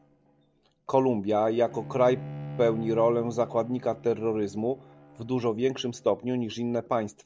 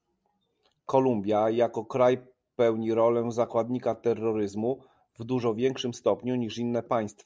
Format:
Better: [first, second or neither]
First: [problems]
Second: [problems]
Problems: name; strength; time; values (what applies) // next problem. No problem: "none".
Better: second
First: background sound (Bowed string instrument); 16 dB below the speech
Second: none